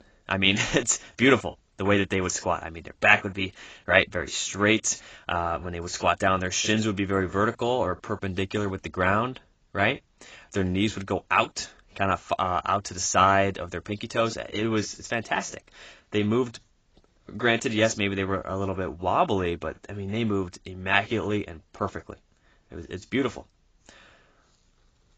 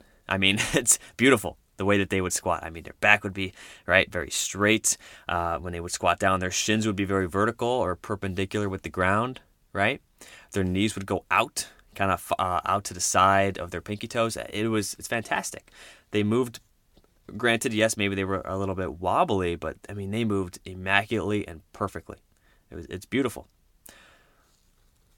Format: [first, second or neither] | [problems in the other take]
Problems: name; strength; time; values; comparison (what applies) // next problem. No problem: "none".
second | garbled, watery; badly; nothing above 7.5 kHz